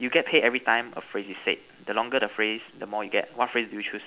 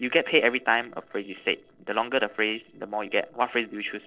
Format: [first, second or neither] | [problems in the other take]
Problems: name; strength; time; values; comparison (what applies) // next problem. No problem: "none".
first | noise reduction (neural separator model SepFormer DNS4)